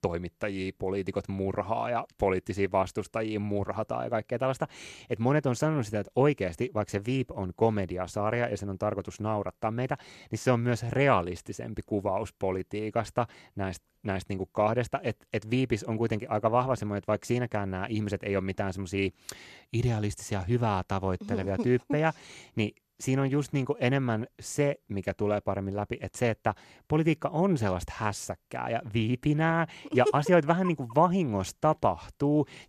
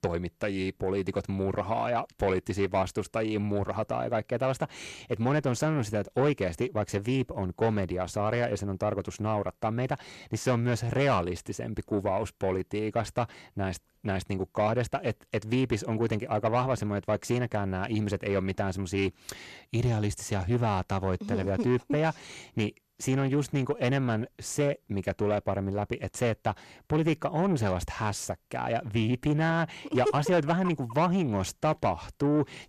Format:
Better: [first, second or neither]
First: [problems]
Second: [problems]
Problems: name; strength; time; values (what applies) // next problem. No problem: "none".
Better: first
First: none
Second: distortion; slight; 10 dB below the speech